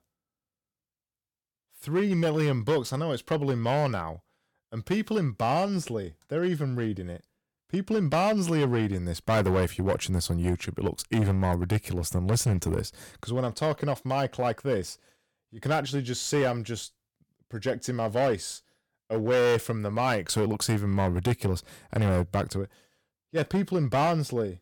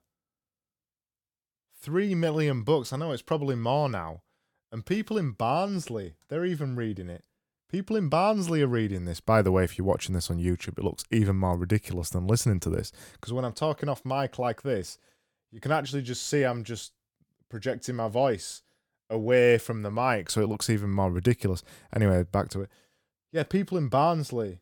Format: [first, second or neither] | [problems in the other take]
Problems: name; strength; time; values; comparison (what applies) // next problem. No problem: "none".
second | distortion; slight; 6% of the sound clipped